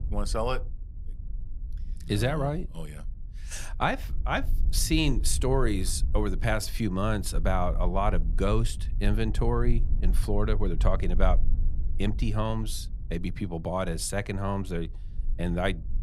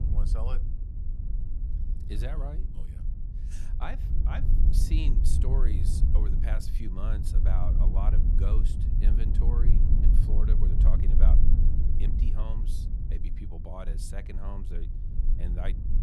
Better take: first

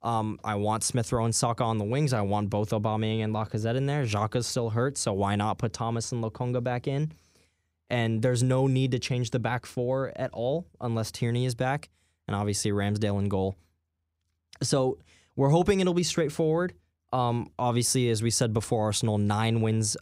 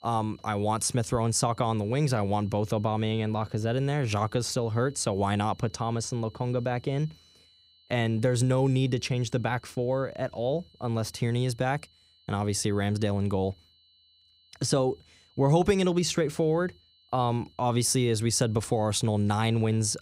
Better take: first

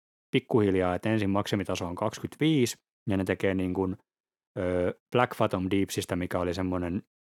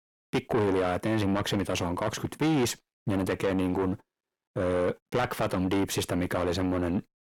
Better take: first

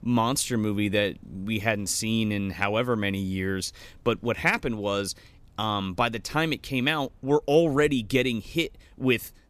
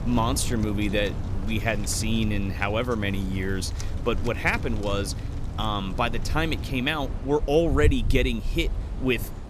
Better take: first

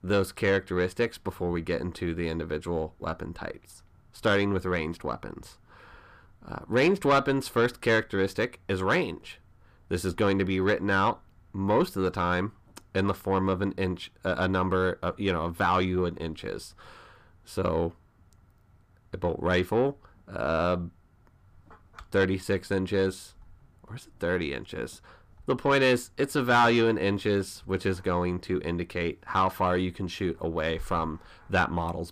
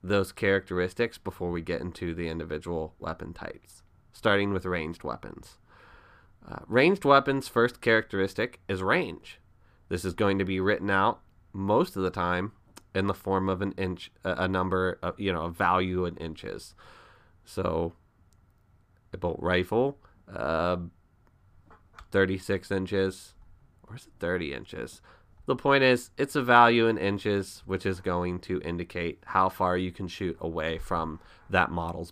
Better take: second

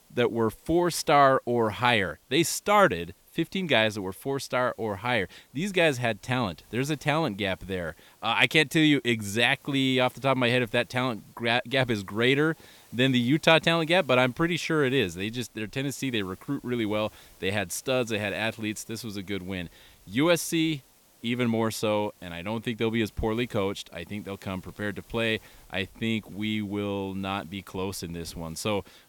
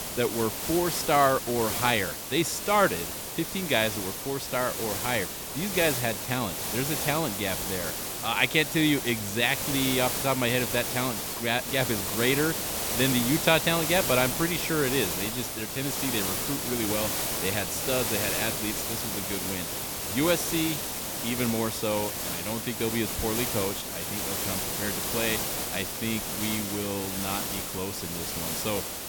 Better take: first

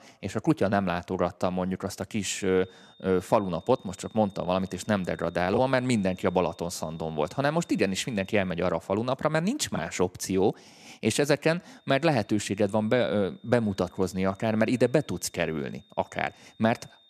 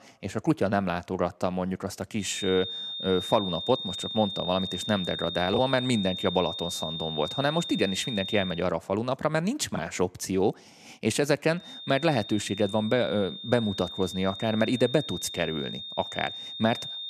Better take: first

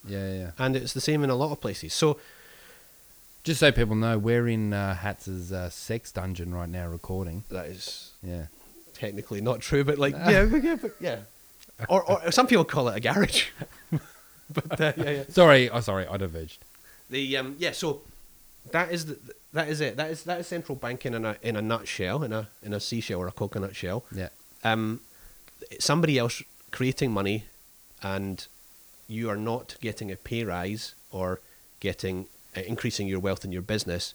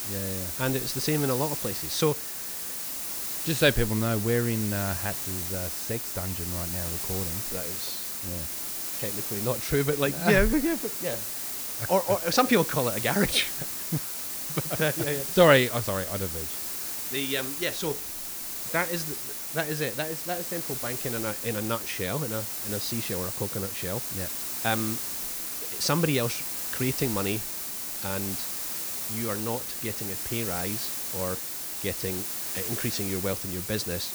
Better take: first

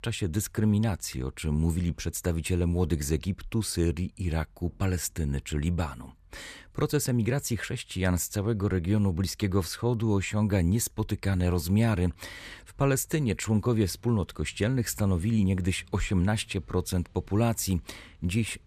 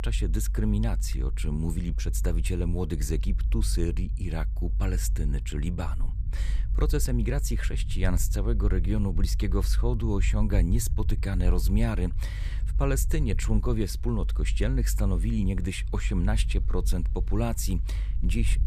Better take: first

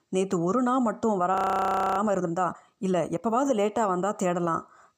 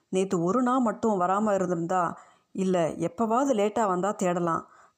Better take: second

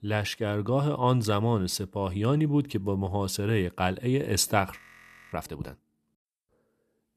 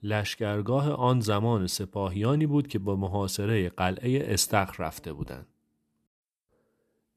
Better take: second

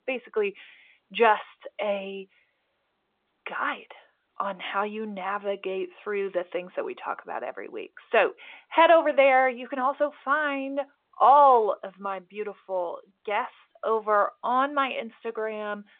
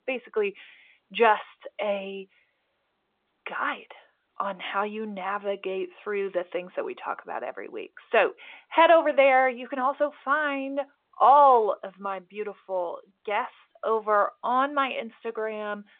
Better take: neither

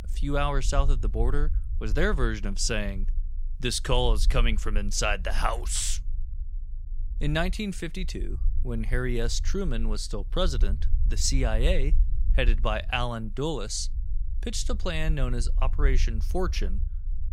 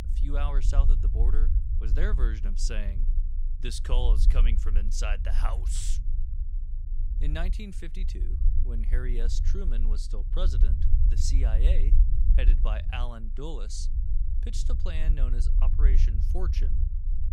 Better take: first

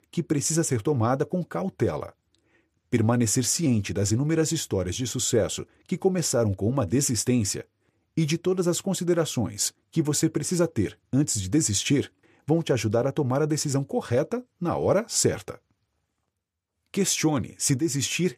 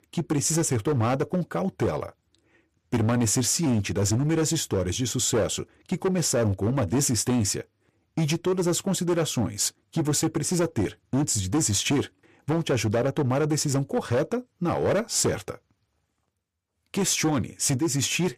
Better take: first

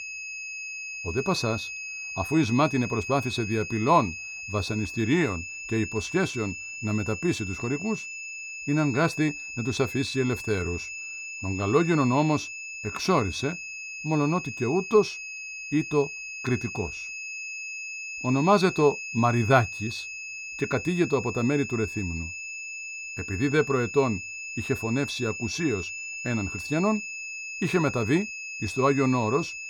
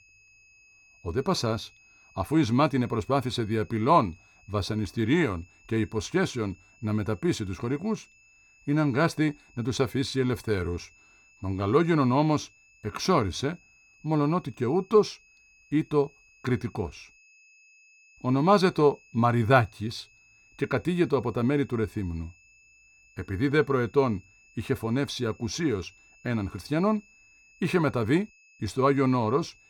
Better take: second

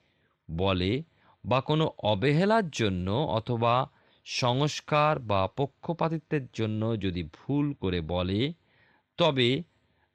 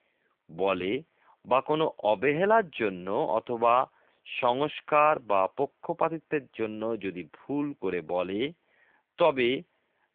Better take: first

